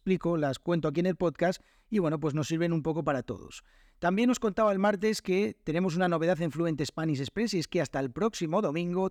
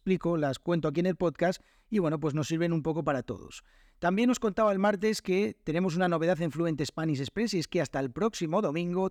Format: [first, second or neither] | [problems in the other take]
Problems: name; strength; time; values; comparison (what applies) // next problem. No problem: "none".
neither | none